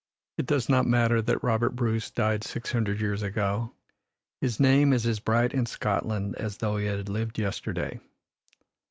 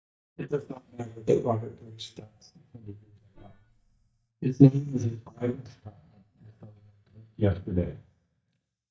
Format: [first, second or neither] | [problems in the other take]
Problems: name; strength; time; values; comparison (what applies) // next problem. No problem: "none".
first | noise reduction (neural mask model DeepFilterNet 3)